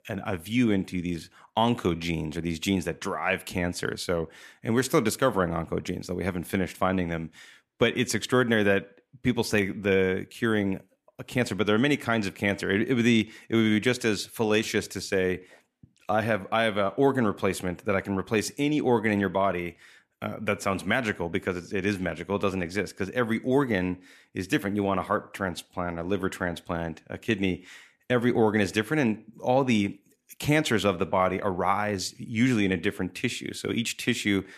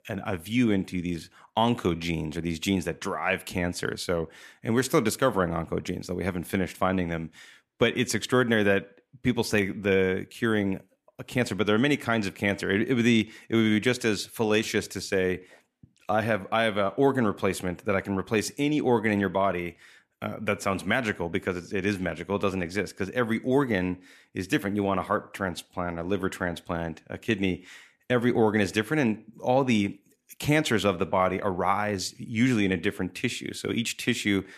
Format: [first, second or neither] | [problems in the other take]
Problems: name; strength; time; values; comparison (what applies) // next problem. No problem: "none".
neither | none